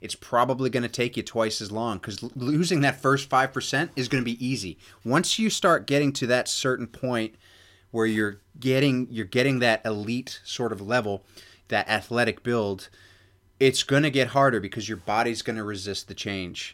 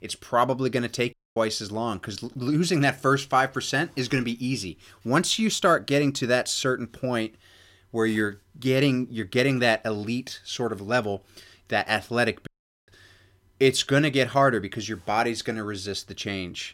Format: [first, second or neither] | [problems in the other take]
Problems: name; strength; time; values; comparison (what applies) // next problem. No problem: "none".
first | audio cutting out; at 1 s and at 12 s